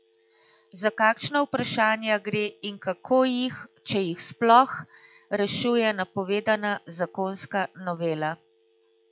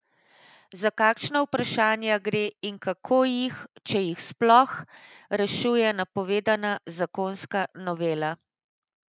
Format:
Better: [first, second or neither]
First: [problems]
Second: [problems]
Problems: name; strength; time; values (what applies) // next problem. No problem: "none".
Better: second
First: noise reduction (classical method log-MMSE)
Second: none